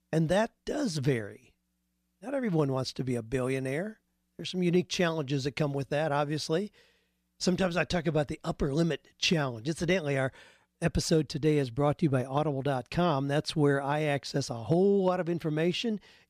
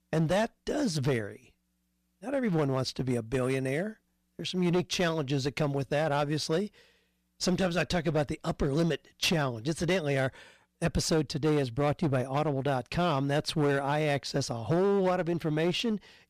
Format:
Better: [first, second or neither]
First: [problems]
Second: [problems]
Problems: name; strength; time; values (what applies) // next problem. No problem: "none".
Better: first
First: none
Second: distortion; slight; 10% of the sound clipped